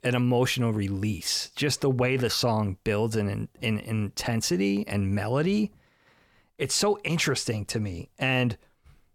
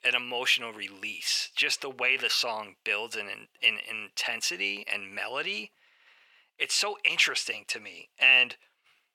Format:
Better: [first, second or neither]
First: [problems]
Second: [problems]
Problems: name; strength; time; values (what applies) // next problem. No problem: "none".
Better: first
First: none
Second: thin; very; fading below 600 Hz